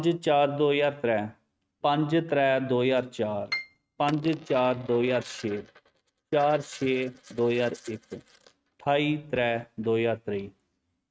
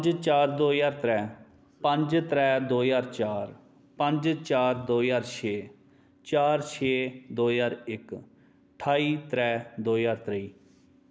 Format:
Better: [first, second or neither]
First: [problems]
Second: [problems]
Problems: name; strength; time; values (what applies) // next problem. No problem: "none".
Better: second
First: noise reduction (neural mask model RNNoise)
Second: none